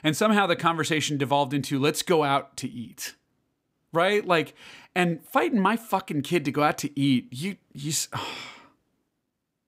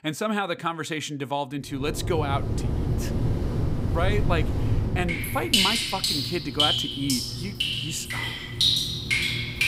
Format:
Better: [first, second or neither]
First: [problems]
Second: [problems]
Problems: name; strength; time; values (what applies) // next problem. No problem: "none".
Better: first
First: none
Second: rain or running water; very loud; from 2 s on; 5 dB above the speech